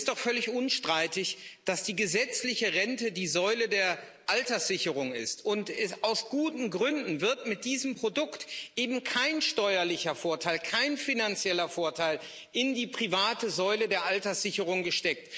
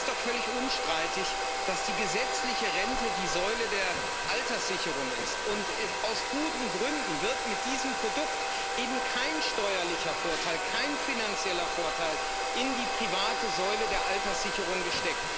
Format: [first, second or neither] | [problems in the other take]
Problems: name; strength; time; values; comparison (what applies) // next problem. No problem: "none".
first | background sound (Domestic sounds, home sounds); 2 dB above the speech